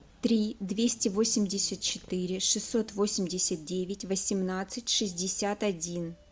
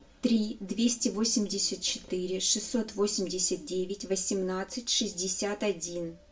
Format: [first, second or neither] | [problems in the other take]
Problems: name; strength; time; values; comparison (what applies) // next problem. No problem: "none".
first | room echo; dies away in 0.2 s